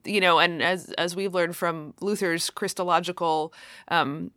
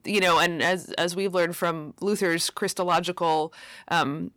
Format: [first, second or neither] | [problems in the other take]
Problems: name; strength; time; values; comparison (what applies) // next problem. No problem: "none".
first | distortion; slight; 3% of the sound clipped